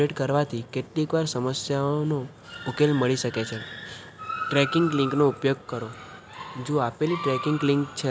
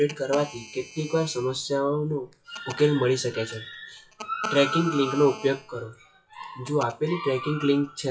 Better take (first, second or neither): first